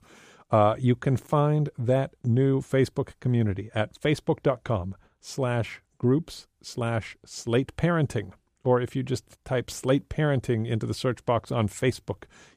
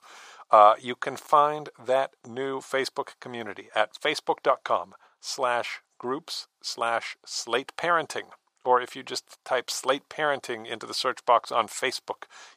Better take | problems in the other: first | thin; very; fading below 650 Hz

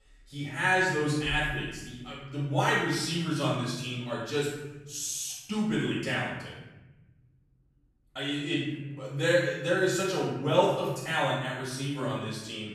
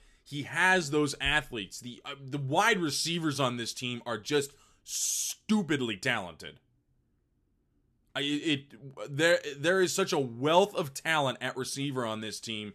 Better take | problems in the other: second | off-mic speech; far // room echo; noticeable; dies away in 1.1 s

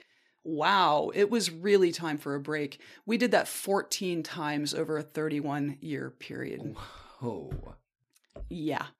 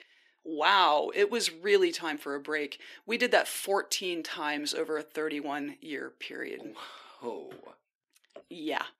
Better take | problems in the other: first | thin; somewhat; fading below 300 Hz

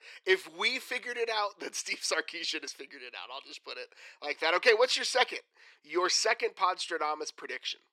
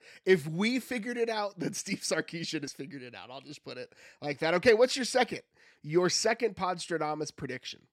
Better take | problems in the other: second | thin; very; fading below 400 Hz

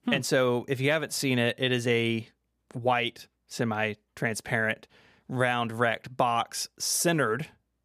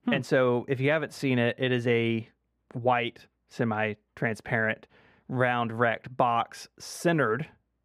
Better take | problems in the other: first | muffled; slightly; fading above 3.5 kHz

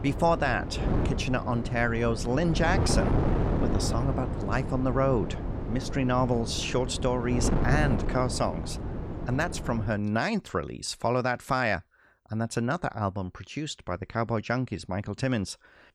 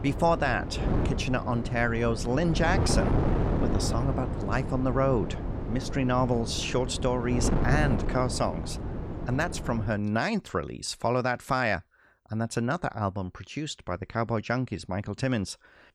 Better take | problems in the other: neither | wind noise on the microphone; heavy; until 10 s; 7 dB below the speech; the same in both

